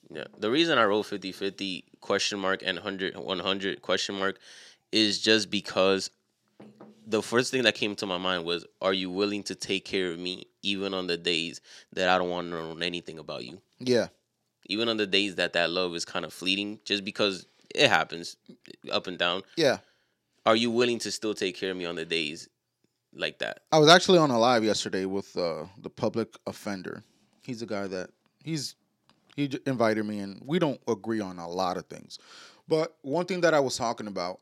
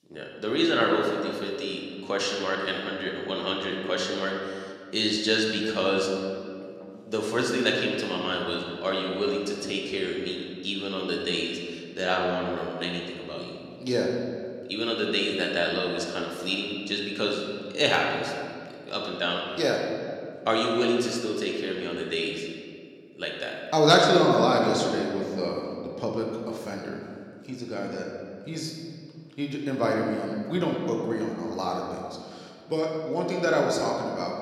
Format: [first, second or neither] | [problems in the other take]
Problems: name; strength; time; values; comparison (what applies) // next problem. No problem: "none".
first | room echo; noticeable; dies away in 1.9 s // off-mic speech; somewhat distant